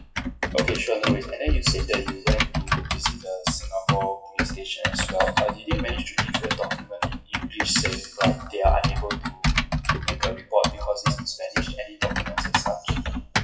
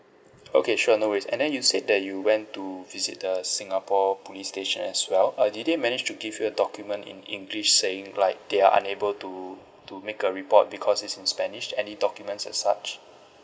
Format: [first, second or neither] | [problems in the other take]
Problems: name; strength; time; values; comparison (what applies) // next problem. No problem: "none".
second | noise reduction (classical method WPE with log-MMSE)